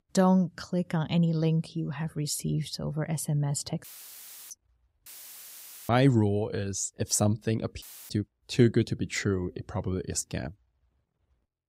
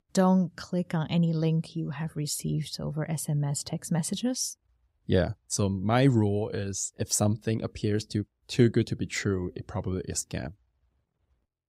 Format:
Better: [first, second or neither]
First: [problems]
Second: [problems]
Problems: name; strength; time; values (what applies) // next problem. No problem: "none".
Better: second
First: audio cutting out; filled with static; at 4 s for 0.5 s, at 5 s for 1 s and at 8 s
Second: none